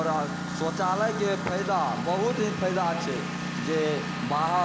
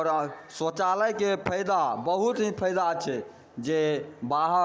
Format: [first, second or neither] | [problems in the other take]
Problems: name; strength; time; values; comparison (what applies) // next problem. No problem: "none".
second | background sound (Engine); 4 dB below the speech